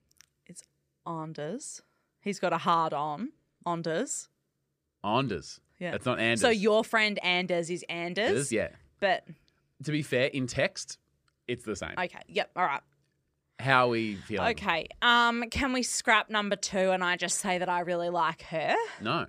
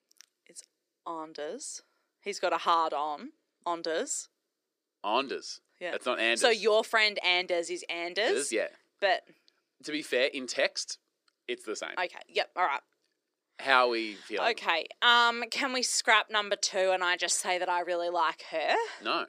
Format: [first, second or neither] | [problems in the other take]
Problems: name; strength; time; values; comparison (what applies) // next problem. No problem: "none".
first | thin; somewhat; fading below 300 Hz